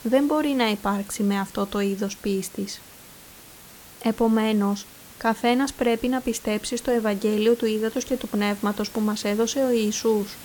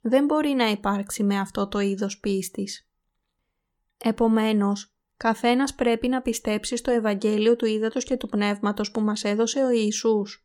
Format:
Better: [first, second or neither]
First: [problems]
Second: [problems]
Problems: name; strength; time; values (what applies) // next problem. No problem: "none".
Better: second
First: hiss; noticeable; throughout; 20 dB below the speech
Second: none